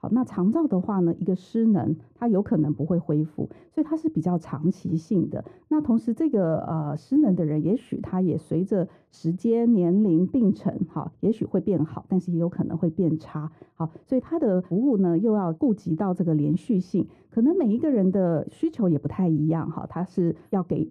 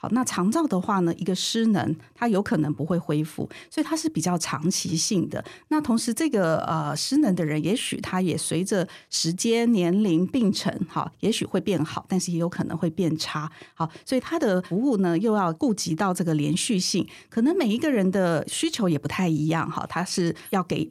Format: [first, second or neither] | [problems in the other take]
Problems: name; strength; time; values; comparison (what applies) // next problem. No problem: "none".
second | muffled; very; fading above 1.5 kHz